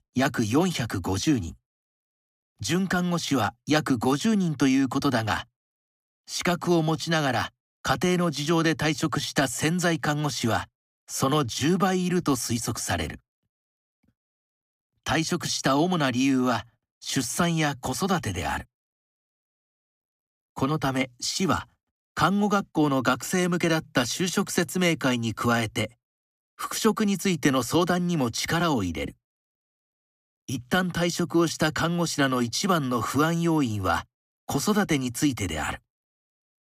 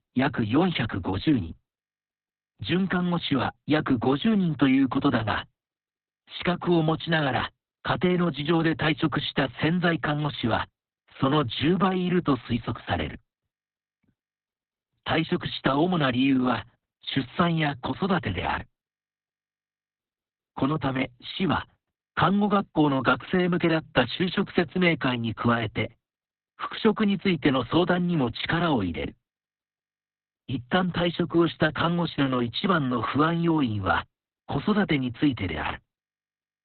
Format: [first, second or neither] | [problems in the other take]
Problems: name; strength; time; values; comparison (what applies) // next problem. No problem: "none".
first | garbled, watery; badly; nothing above 4 kHz